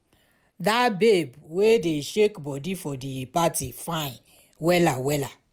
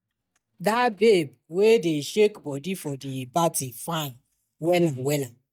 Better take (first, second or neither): first